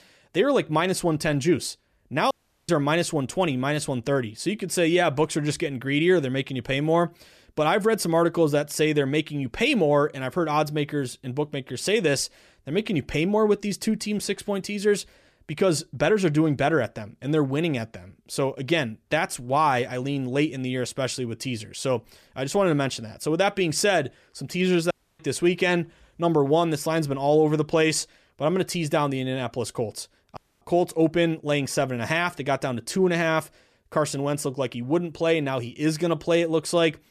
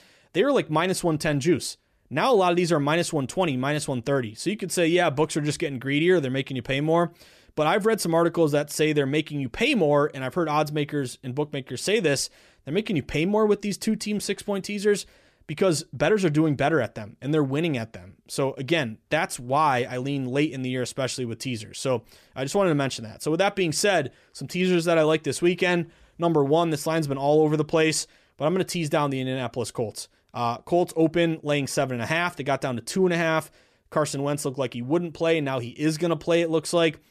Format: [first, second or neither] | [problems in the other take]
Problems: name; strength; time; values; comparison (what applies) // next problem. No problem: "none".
second | audio cutting out; at 2.5 s, at 25 s and at 30 s